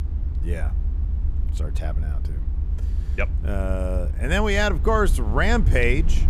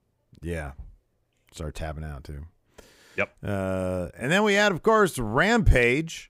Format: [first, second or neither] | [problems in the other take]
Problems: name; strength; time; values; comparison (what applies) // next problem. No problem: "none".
second | low rumble; noticeable; throughout; 20 dB below the speech